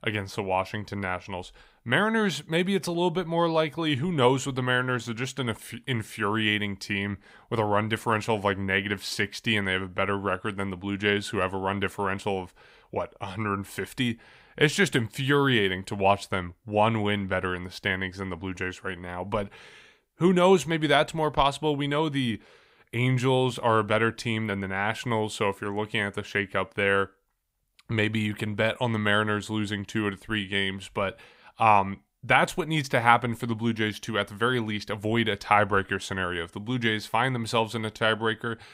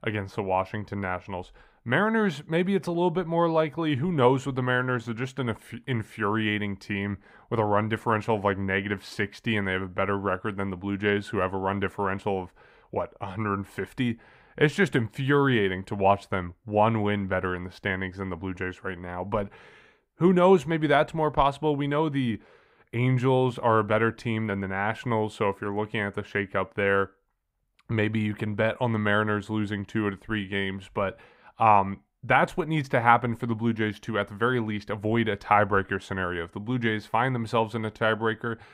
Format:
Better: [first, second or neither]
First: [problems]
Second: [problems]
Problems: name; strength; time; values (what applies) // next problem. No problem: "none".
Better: first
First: none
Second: muffled; slightly; fading above 2.5 kHz